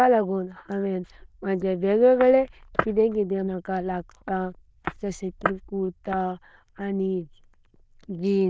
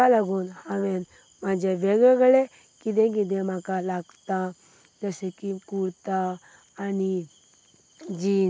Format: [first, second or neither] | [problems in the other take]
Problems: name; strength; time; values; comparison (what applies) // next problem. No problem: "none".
second | noise reduction (neural diffusion model UNIVERSE++)